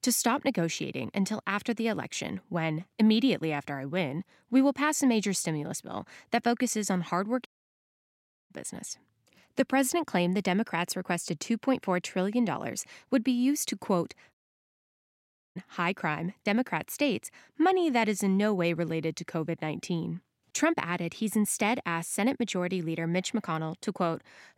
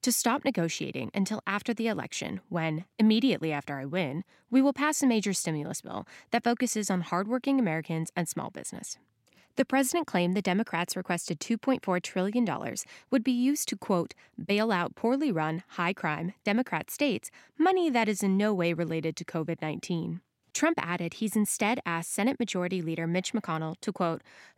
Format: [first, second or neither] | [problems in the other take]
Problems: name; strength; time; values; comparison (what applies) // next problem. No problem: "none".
second | audio cutting out; at 7.5 s for 1 s and at 14 s for 1 s